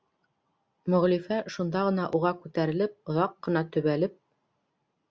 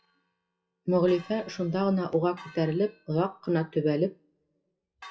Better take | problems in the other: first | noise reduction (classical method WPE with log-MMSE)

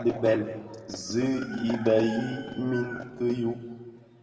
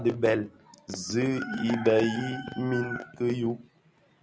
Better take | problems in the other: second | room echo; dies away in 1.6 s

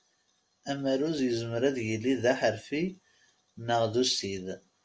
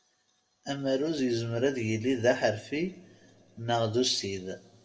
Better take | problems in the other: first | room echo; dies away in 1.8 s

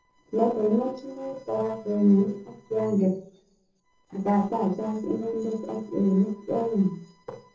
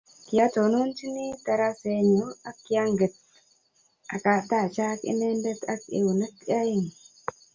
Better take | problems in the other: second | noise reduction (neural separator model SepFormer DNS4)

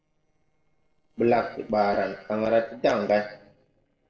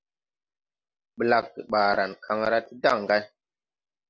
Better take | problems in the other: second | noise reduction (neural separator model SepFormer DNS4)

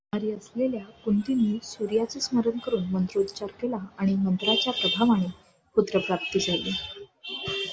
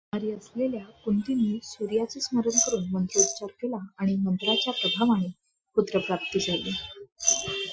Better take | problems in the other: first | noise reduction (classical method Wiener filter)

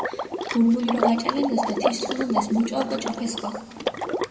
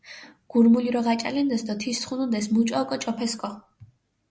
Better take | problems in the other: second | background sound (Water / Liquid); 2 dB below the speech // room echo; dies away in 2 s

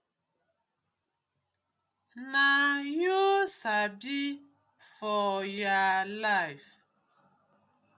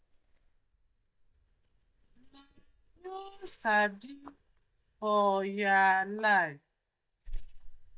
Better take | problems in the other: first | noise reduction (neural mask model DeepFilterNet 3)

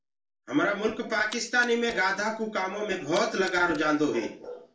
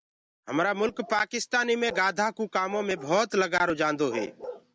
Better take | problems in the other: second | background sound (Splash, splatter); 20 dB below the speech // room echo; dies away in 0.4 s

